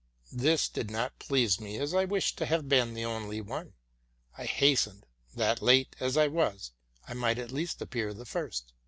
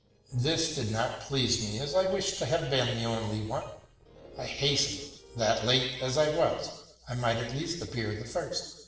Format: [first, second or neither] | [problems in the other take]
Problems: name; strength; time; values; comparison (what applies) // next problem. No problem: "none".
first | noise reduction (neural separator model SepFormer DNS4)